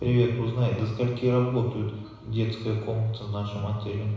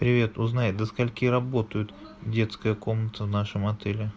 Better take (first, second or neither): second